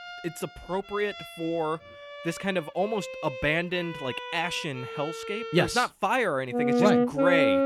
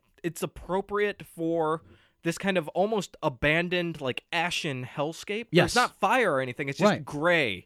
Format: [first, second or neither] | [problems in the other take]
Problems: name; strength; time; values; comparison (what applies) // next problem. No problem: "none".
second | background music; loud; throughout; 2 dB below the speech